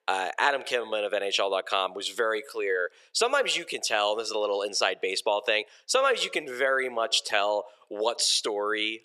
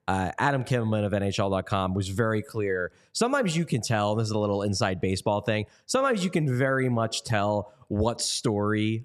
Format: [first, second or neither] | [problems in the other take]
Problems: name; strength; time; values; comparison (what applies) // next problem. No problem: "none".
second | thin; very; fading below 450 Hz